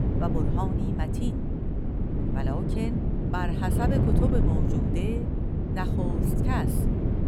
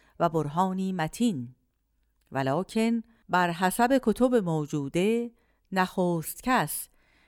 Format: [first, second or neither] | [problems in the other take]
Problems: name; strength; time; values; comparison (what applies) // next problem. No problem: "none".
second | wind noise on the microphone; heavy; as loud as the speech